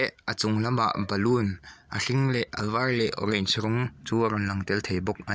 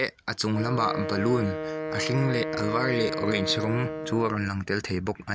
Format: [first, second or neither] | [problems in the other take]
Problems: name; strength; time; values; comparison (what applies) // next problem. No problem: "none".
first | background sound (Wind instrument, woodwind instrument); 6 dB below the speech